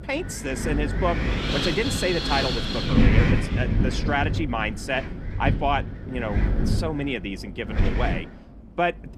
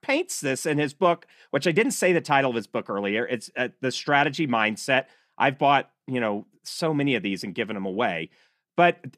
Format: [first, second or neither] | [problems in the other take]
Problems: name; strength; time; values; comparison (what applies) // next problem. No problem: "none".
second | wind noise on the microphone; heavy; 2 dB below the speech